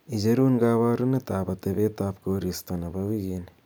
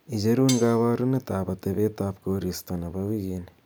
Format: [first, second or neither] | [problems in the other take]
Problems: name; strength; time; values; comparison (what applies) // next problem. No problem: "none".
first | background sound (Cutlery, silverware); 14 dB below the speech